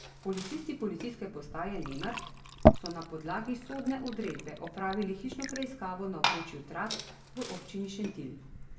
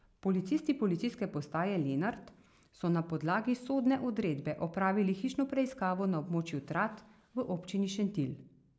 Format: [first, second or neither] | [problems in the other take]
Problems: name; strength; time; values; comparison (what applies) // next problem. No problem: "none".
second | background sound (Liquid); 3 dB above the speech // room echo; dies away in 0.6 s